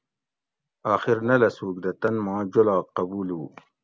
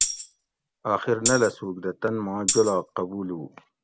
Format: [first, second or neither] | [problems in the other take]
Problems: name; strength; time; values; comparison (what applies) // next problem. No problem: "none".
first | background sound (Tambourine); 4 dB below the speech